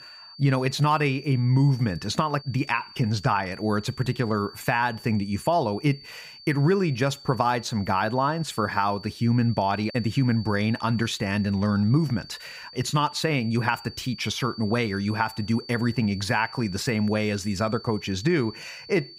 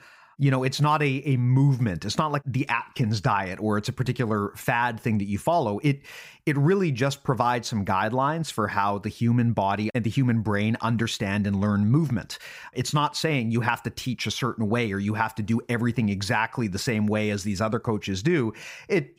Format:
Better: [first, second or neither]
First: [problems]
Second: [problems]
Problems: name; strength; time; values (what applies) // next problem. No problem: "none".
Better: second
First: high-pitched whine; noticeable; throughout; 4.5 kHz, 15 dB below the speech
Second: none